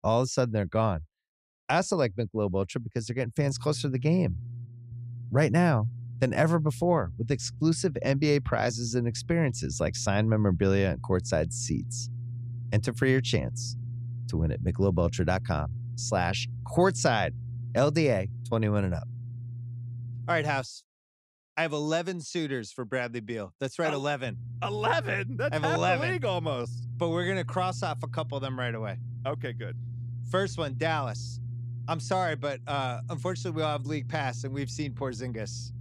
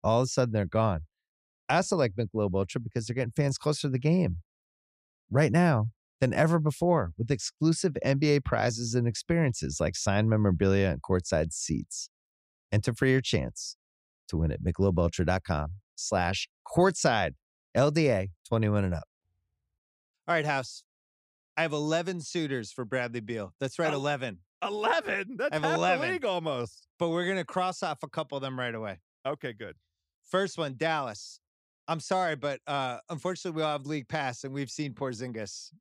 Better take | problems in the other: second | low rumble; faint; from 3.5 to 21 s and from 24 s on; 20 dB below the speech

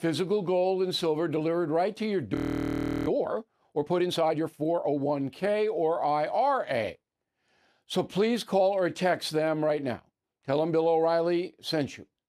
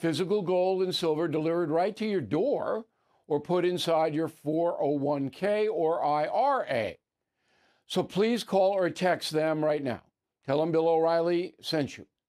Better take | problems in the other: second | audio freezing; at 2.5 s for 0.5 s

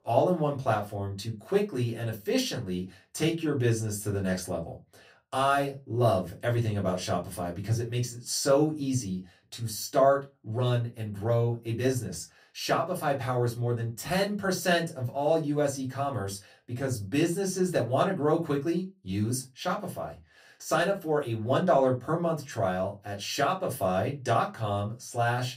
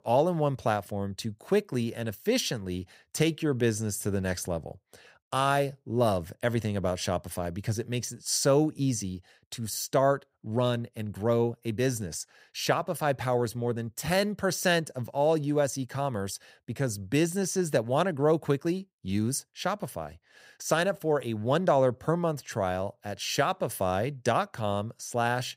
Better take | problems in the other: second | off-mic speech; far // room echo; very slight; dies away in 0.2 s

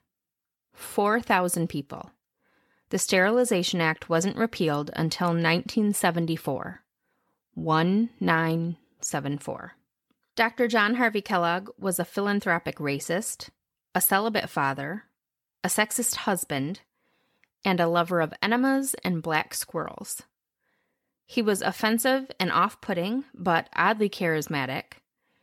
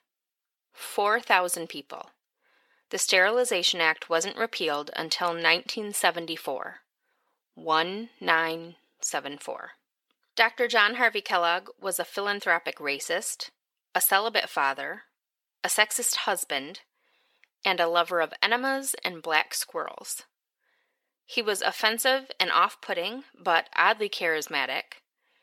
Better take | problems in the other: first | thin; very; fading below 500 Hz

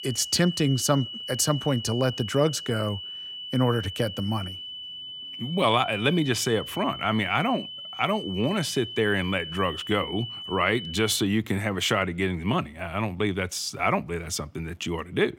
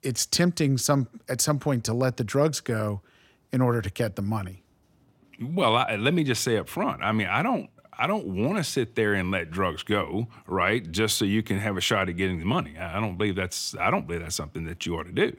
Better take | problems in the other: second | high-pitched whine; loud; until 11 s; 3 kHz, 9 dB below the speech

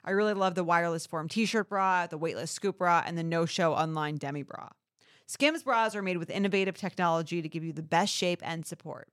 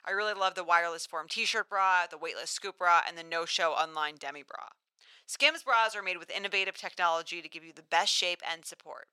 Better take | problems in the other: first | thin; very; fading below 700 Hz

